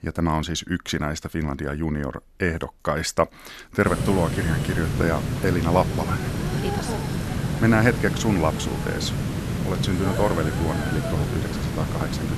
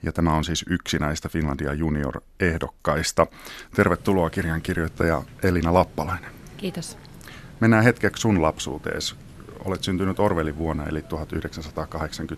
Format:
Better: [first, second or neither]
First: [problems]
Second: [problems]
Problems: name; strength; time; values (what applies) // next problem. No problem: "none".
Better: second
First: hiss; loud; from 4 s on; 1 dB below the speech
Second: hiss; faint; from 4 s on; 20 dB below the speech